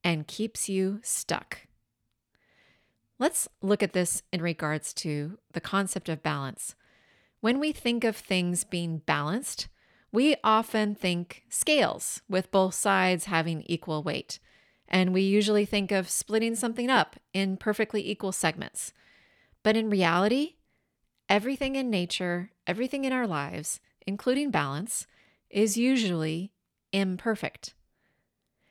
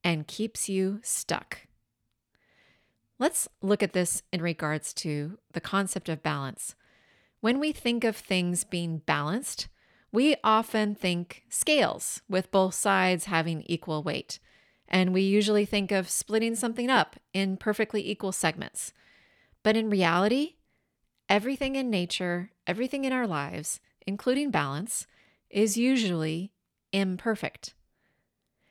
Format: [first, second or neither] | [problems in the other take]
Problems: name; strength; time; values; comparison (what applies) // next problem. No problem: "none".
neither | none